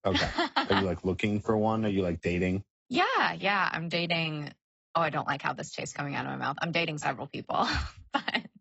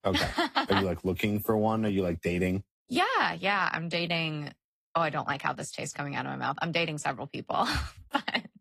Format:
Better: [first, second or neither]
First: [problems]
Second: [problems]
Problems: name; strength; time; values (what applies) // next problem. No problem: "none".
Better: second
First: garbled, watery; badly; nothing above 7.5 kHz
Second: garbled, watery; slightly; nothing above 14.5 kHz